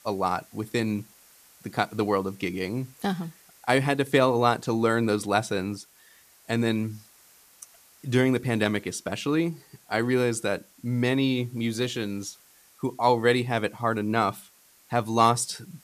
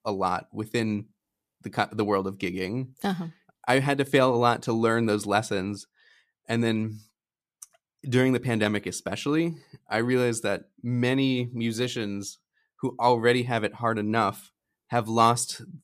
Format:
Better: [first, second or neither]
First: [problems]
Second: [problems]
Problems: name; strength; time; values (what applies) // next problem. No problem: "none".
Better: second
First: hiss; faint; throughout; 30 dB below the speech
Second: none